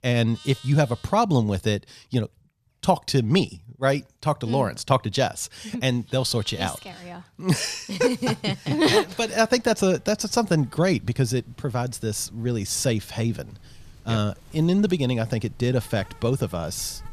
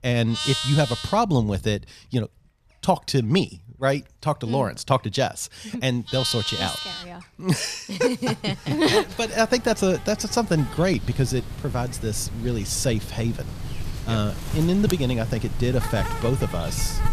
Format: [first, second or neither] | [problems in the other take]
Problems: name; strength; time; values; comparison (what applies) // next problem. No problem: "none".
first | animal sounds; loud; throughout; 8 dB below the speech; faint in the first